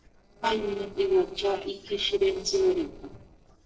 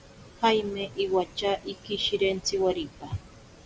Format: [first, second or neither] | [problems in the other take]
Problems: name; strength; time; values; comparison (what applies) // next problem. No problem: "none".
second | noise reduction (neural separator model SepFormer DNS4)